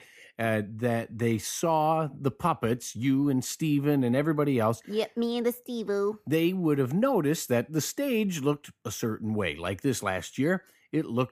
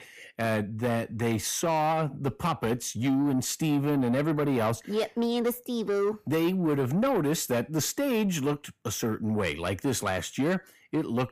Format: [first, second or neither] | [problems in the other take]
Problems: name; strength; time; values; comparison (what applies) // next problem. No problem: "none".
first | distortion; slight; 10 dB below the speech